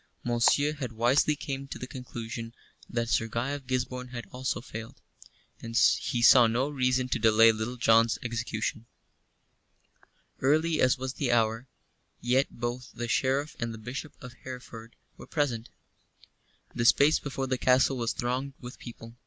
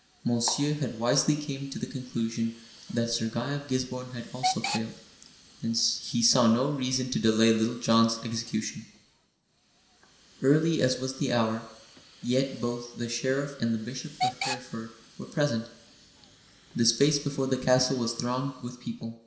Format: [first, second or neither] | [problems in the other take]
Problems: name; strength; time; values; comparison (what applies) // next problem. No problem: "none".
first | background sound (Hiss / Alarm / Train); 14 dB below the speech // room echo; dies away in 0.7 s